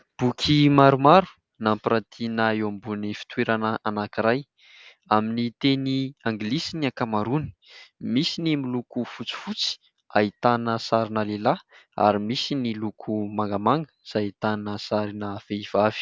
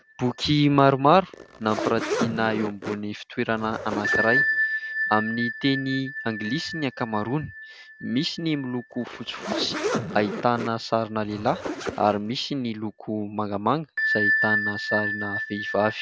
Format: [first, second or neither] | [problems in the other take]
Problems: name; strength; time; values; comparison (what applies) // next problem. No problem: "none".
first | background sound (Bell + Zipper (clothing)); 4 dB below the speech